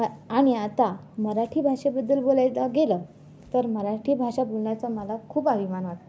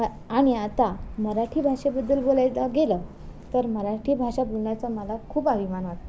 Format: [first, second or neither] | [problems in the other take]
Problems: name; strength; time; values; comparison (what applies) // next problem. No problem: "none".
first | background sound (Bird); 16 dB below the speech